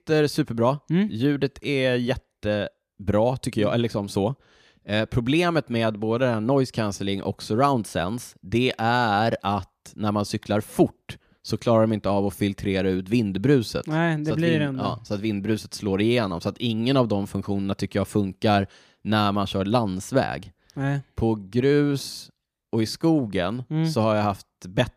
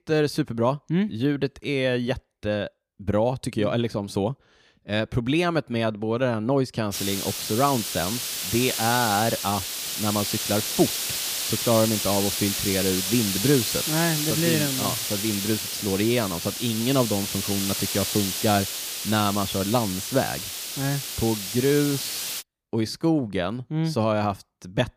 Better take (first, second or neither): first